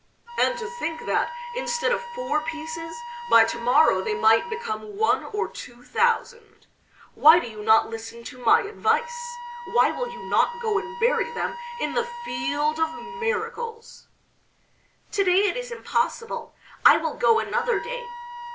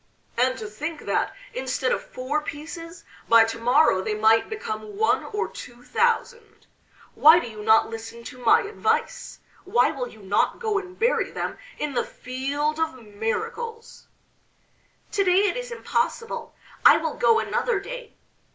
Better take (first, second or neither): second